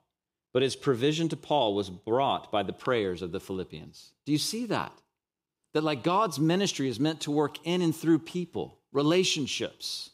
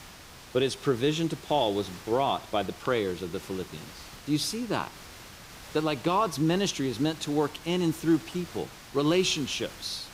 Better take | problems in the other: first | hiss; noticeable; throughout; 15 dB below the speech

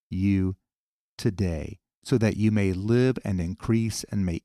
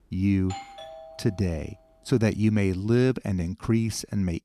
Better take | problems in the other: first | doorbell; faint; until 1.5 s; peak 15 dB below the speech

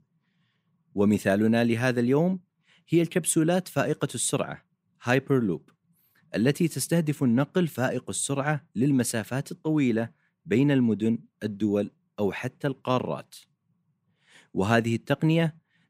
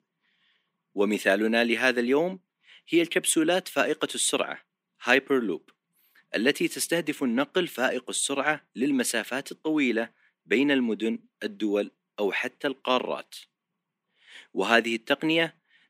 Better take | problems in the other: first | thin; very slightly; fading below 250 Hz

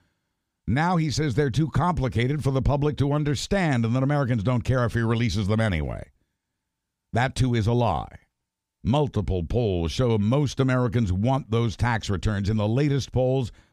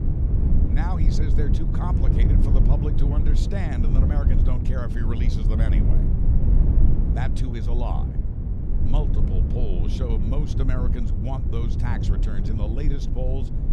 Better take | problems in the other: first | low rumble; loud; throughout; 1 dB below the speech

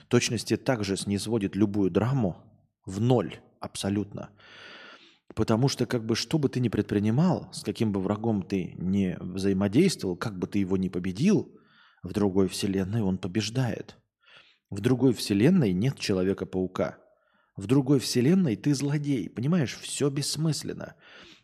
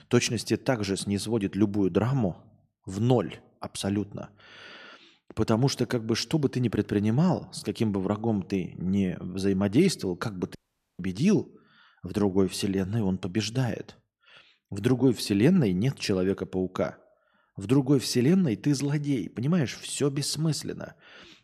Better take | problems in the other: first | audio cutting out; at 11 s

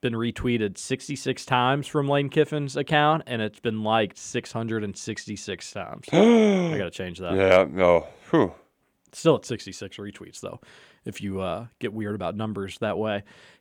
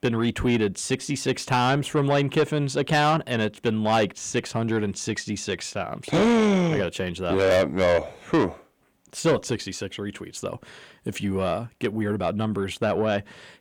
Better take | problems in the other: first | distortion; heavy; 7 dB below the speech

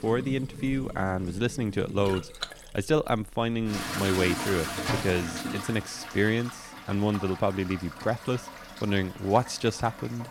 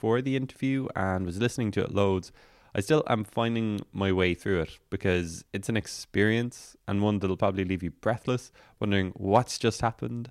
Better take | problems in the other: second | household noises; loud; throughout; 8 dB below the speech

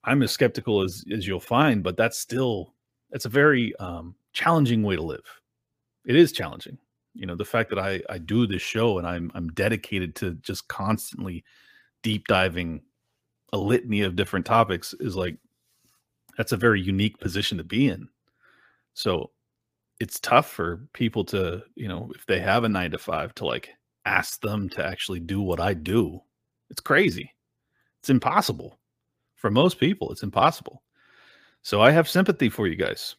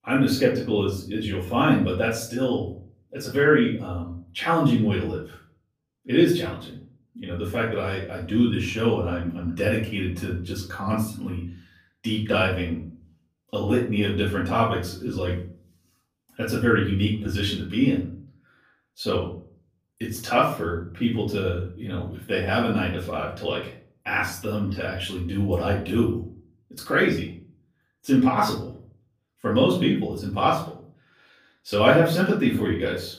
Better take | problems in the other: first | off-mic speech; far // room echo; slight; dies away in 0.4 s

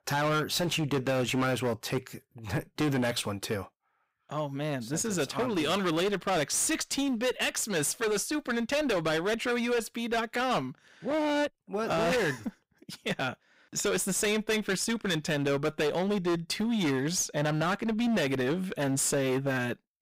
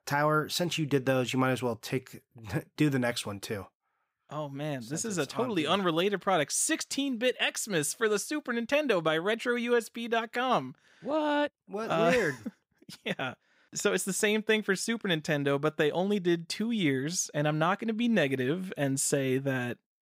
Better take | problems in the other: second | distortion; heavy; 19% of the sound clipped

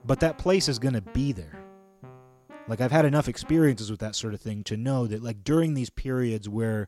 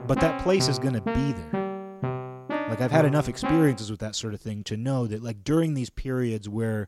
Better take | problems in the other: first | background music; loud; throughout; 5 dB below the speech; faint in the first

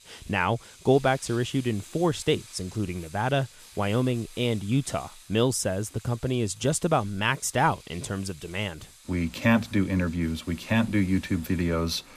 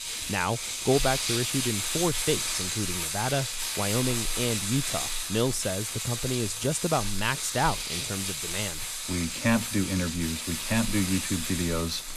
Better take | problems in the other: first | household noises; loud; throughout; as loud as the speech; faint in the first

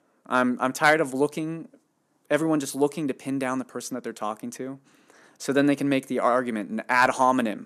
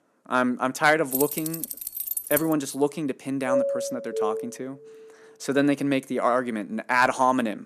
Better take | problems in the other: first | jangling keys; noticeable; from 1 to 2.5 s; peak 2 dB below the speech // doorbell; loud; from 3.5 to 4.5 s; peak level with the speech

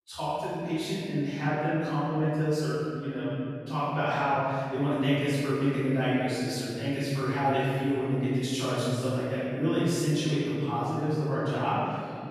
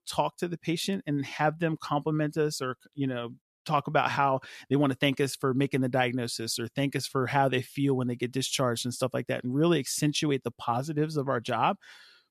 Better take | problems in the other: second | off-mic speech; far // room echo; strong; dies away in 2.6 s

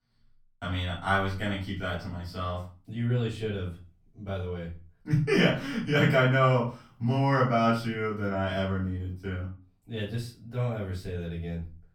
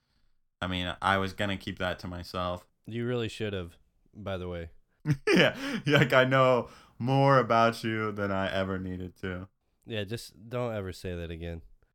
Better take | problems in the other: second | off-mic speech; far // room echo; slight; dies away in 0.3 s

